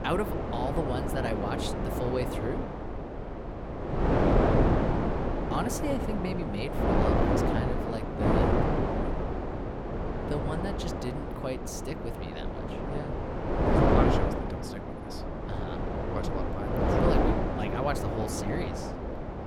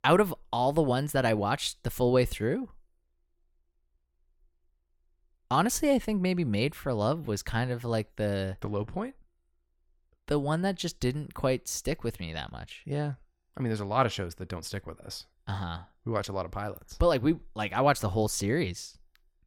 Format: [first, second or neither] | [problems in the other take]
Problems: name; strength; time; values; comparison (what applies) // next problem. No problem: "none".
second | wind noise on the microphone; heavy; 5 dB above the speech